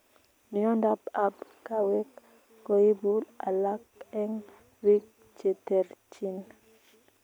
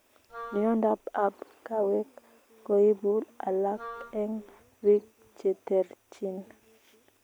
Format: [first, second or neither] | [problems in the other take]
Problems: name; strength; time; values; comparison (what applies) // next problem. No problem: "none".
first | background sound (Wind instrument, woodwind instrument); 16 dB below the speech